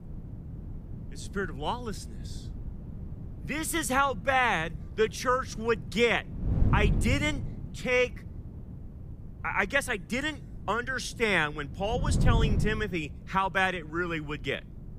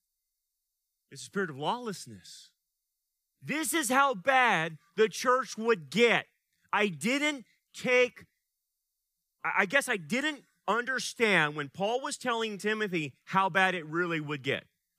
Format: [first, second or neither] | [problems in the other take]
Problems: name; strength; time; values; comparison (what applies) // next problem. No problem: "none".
second | wind noise on the microphone; occasional gusts; 20 dB below the speech